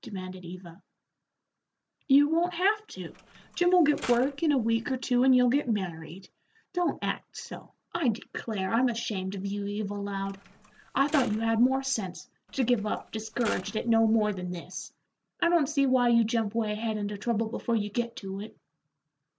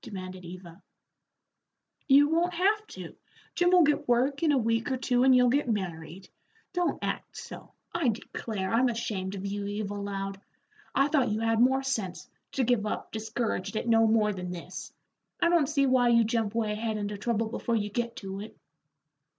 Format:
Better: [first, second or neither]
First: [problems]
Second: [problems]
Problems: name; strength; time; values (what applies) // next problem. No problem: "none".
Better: second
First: background sound (Mechanisms); 17 dB below the speech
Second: none